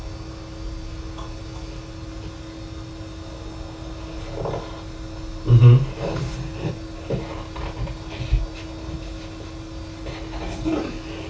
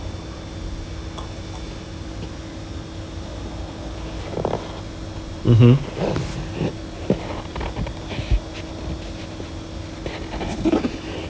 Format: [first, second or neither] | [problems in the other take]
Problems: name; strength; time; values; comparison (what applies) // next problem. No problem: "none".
second | room echo; dies away in 0.2 s